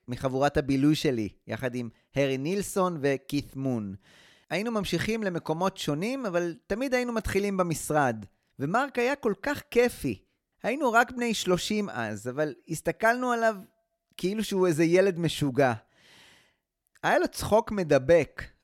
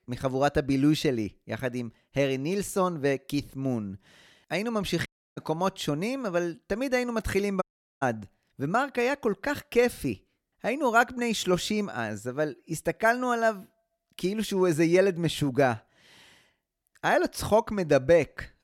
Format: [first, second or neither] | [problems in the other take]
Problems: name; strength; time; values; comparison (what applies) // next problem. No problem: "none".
first | audio cutting out; at 5 s and at 7.5 s